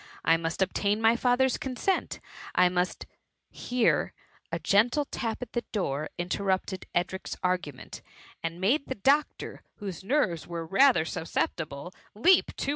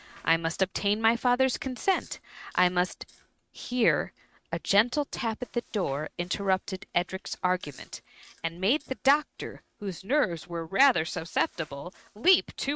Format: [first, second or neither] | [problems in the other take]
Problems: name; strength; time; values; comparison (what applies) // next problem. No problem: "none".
first | noise reduction (neural mask model RNNoise)